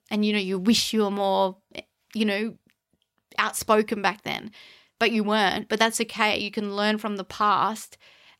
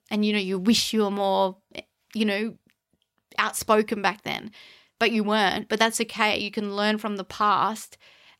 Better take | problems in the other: neither | none

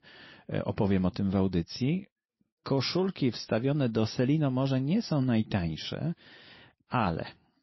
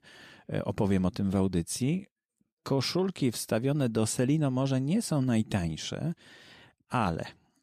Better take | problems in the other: second | garbled, watery; slightly; nothing above 5.5 kHz

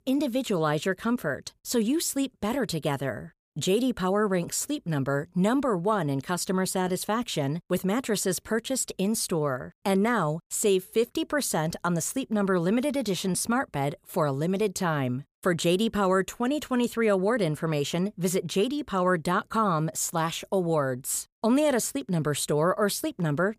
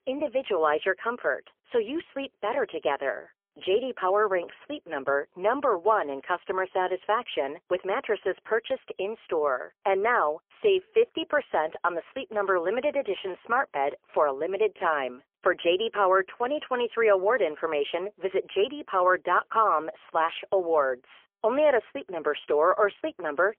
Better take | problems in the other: first | phone-call audio; poor line; nothing above 3.5 kHz

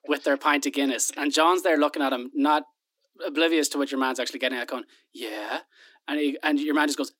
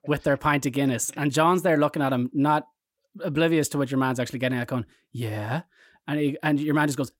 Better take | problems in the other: second | thin; very slightly; fading below 250 Hz

